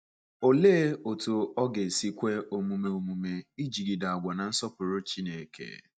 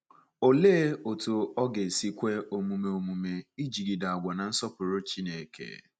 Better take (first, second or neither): second